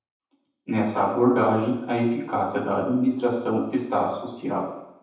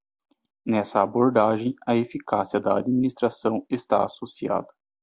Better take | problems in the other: second | room echo; dies away in 0.9 s

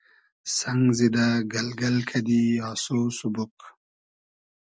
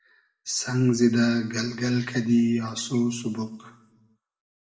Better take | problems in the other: first | room echo; dies away in 0.8 s

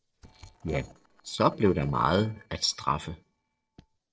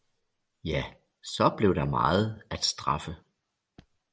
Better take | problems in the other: second | noise reduction (neural separator model SepFormer DNS4)

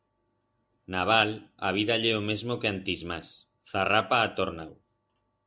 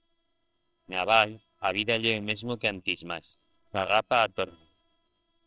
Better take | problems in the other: first | noise reduction (neural separator model SepFormer WHAMR!)

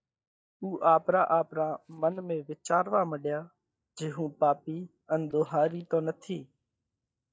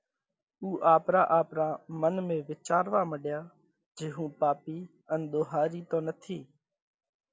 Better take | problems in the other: second | noise reduction (neural mask model DeepFilterNet 3)

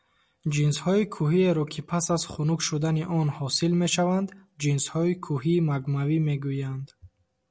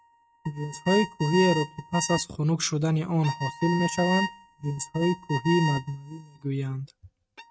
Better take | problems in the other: first | noise reduction (neural mask model RNNoise)

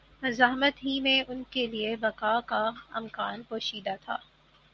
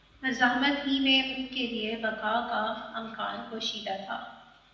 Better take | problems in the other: first | room echo; dies away in 0.9 s

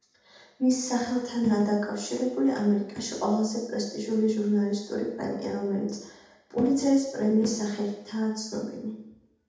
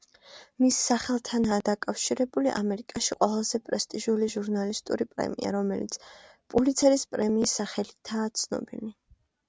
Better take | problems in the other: second | room echo; dies away in 0.8 s

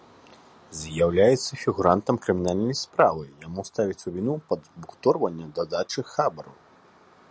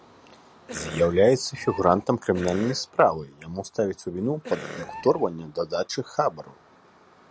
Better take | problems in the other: first | background sound (Cough + Bird); 14 dB below the speech

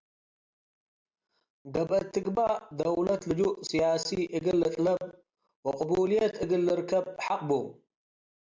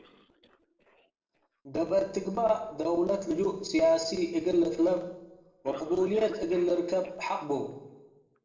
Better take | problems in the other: first | noise reduction (neural separator model SepFormer DNS4)

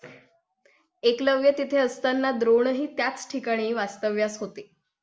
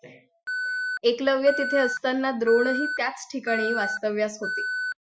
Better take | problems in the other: first | noise reduction (classical method Wiener filter)

